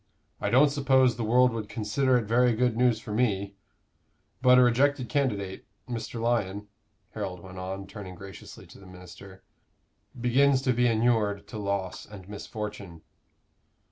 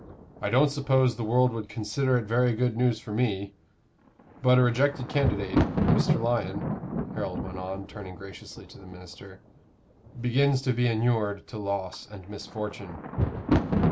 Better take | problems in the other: first | background sound (Thunder); 4 dB below the speech

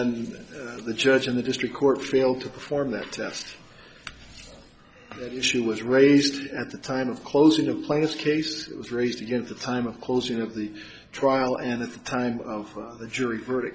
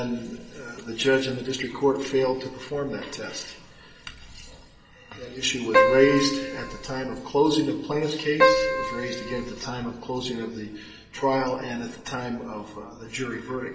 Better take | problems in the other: first | background sound (Keyboard (musical)); 4 dB above the speech // room echo; dies away in 1.5 s

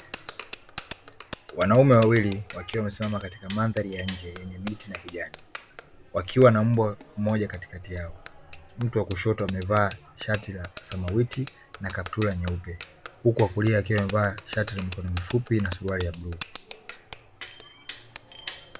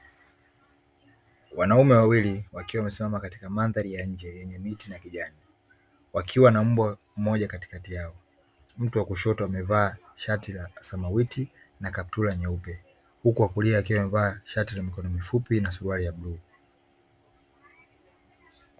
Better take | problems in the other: second | background sound (Bicycle bell); 17 dB below the speech

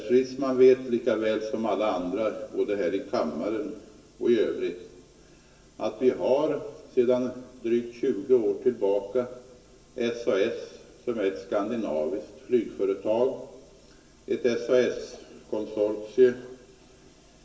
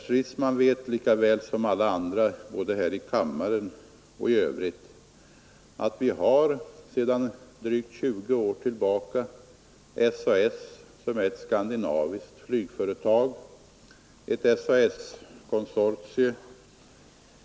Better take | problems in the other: second | room echo; dies away in 1 s

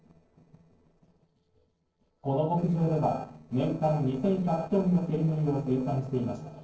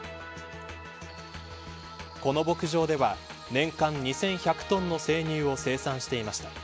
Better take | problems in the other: second | noise reduction (neural separator model SepFormer DNS4)

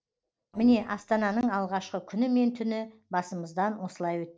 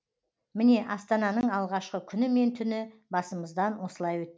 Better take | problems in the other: second | noise reduction (neural separator model SepFormer DNS4)

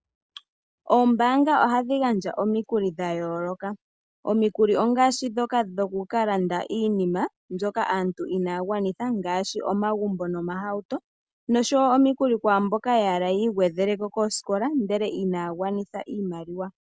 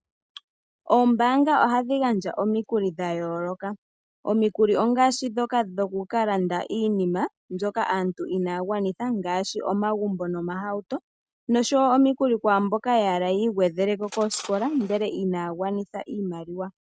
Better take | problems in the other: first | noise reduction (neural mask model RNNoise)

